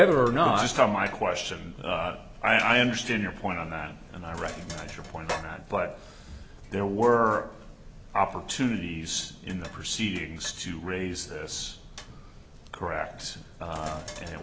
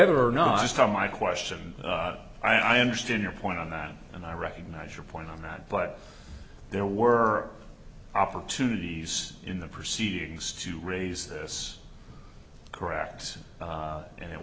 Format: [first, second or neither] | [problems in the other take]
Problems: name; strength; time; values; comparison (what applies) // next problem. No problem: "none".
second | background sound (Sink (filling or washing)); 18 dB below the speech